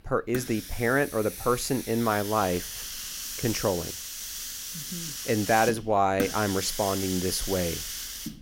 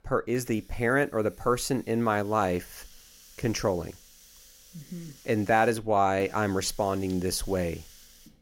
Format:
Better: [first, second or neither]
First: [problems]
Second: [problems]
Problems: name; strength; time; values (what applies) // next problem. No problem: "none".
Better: second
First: hiss; loud; throughout; 7 dB below the speech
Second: hiss; faint; throughout; 25 dB below the speech